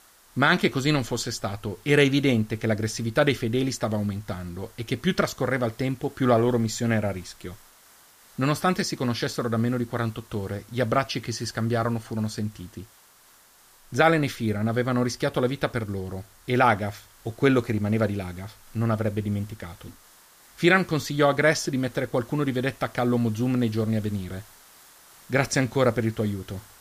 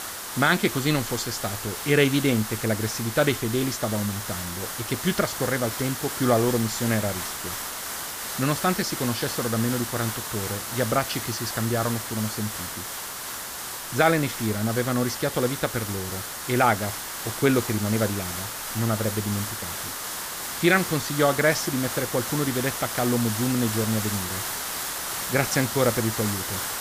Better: first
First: hiss; faint; throughout; 25 dB below the speech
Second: hiss; loud; throughout; 5 dB below the speech

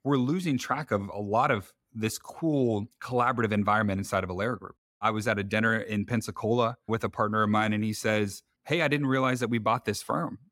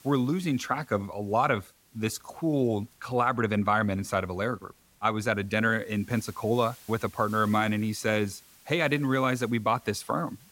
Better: first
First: none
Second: hiss; faint; throughout; 25 dB below the speech

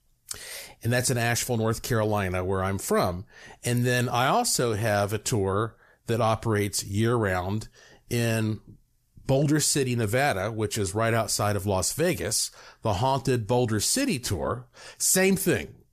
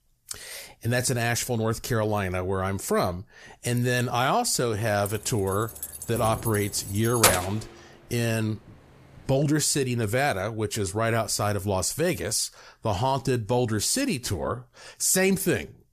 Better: first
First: none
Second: jangling keys; loud; from 5 to 7.5 s; peak 5 dB above the speech

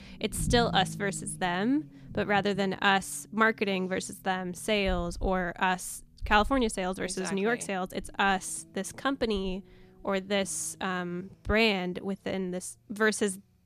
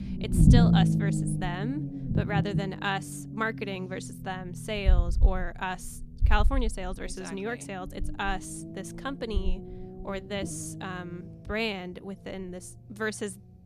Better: first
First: low rumble; faint; throughout; 25 dB below the speech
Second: low rumble; loud; throughout; 5 dB below the speech

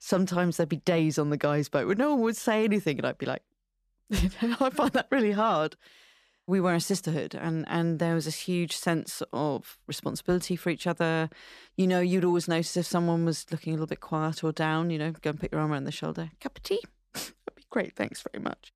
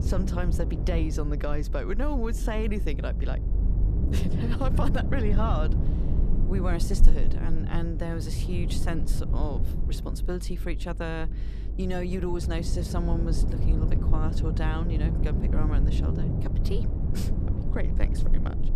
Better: first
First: none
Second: low rumble; loud; throughout; 5 dB below the speech

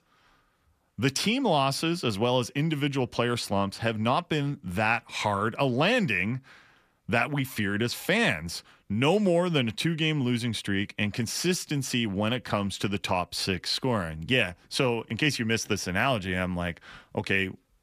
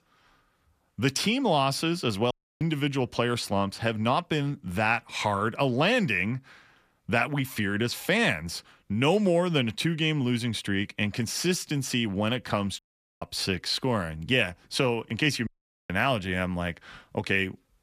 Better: first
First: none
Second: audio cutting out; at 2.5 s, at 13 s and at 15 s

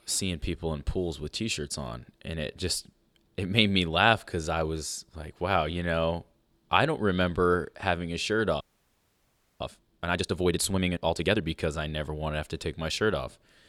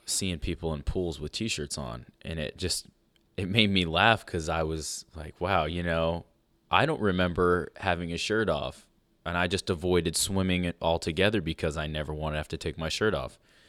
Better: second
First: audio freezing; at 8.5 s for 1 s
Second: none

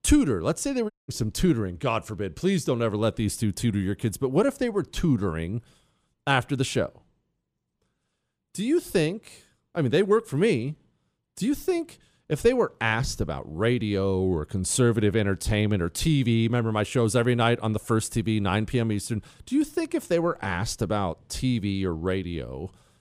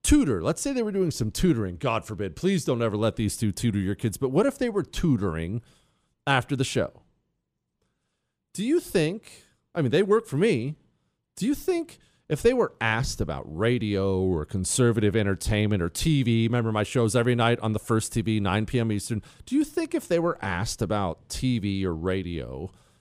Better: second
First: audio cutting out; at 1 s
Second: none

